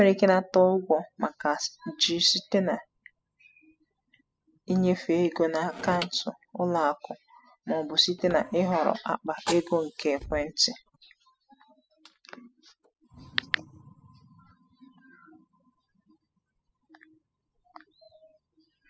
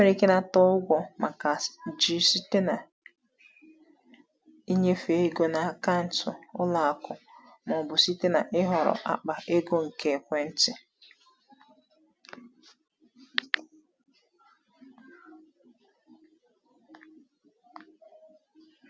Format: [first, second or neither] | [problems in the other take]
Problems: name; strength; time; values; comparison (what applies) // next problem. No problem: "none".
second | noise reduction (classical method spectral subtraction)